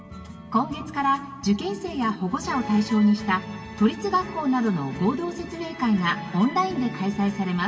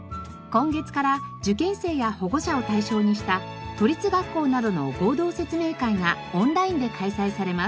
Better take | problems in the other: second | room echo; dies away in 1.8 s

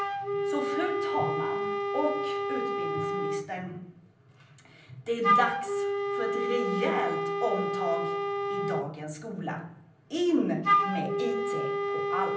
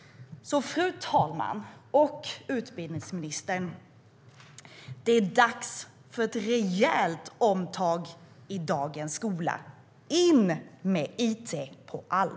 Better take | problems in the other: second | background sound (Wind instrument, woodwind instrument); 3 dB above the speech // room echo; dies away in 0.6 s

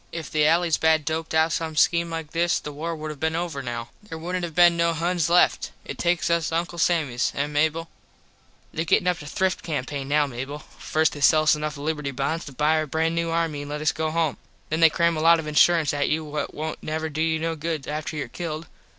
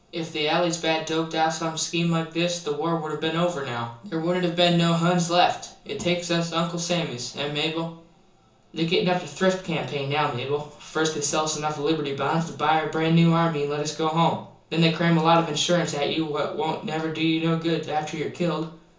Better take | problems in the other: first | room echo; dies away in 0.6 s

